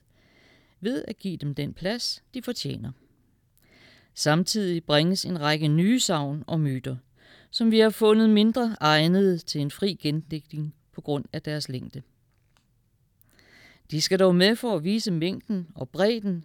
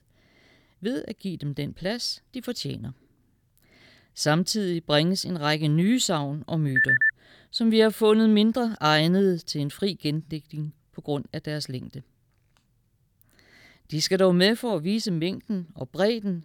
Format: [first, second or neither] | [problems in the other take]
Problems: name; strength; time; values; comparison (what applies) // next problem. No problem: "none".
first | phone ringing; loud; at 7 s; peak 6 dB above the speech